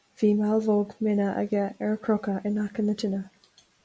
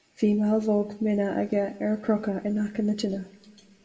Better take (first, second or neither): first